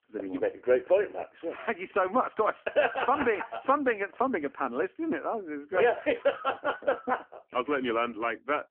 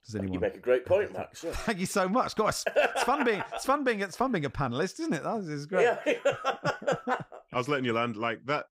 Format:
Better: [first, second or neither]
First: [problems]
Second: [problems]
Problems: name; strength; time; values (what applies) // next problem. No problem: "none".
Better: second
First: phone-call audio; poor line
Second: none